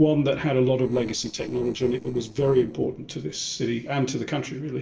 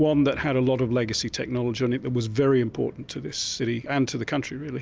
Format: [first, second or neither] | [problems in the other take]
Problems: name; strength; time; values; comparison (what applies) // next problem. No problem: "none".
second | noise reduction (neural separator model SepFormer DNS4)